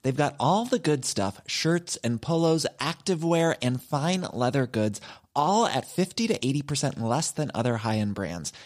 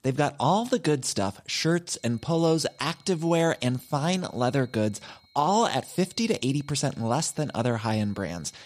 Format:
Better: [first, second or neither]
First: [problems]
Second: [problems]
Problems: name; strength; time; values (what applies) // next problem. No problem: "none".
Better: first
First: none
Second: high-pitched whine; faint; from 2 s on; 4 kHz, 30 dB below the speech